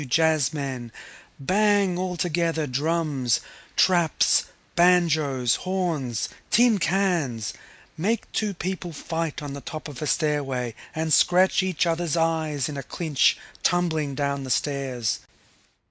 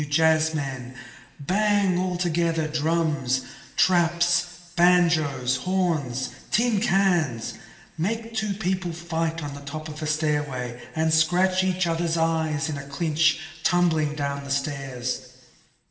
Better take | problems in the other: first | room echo; dies away in 1.2 s

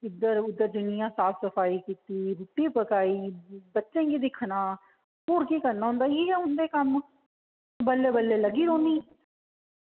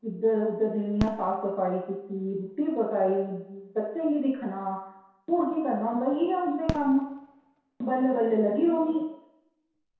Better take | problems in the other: first | background sound (Fireworks); 16 dB below the speech // room echo; dies away in 0.7 s

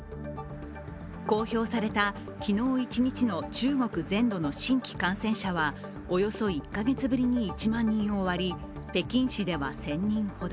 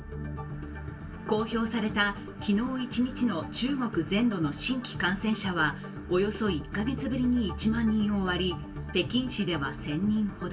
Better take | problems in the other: first | room echo; dies away in 0.2 s

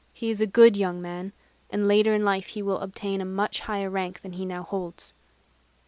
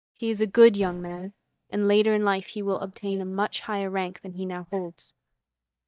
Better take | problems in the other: first | noise reduction (neural mask model DeepFilterNet 3)

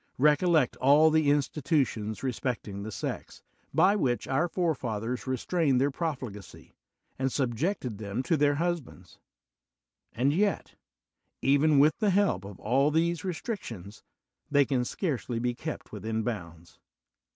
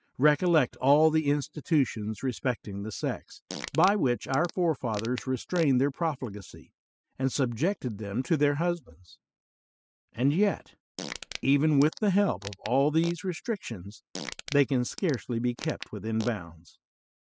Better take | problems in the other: first | noise reduction (classical method spectral subtraction)

